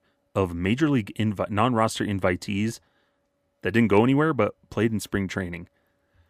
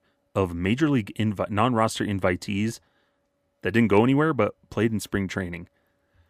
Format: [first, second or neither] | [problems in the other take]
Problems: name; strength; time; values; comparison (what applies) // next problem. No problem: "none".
neither | none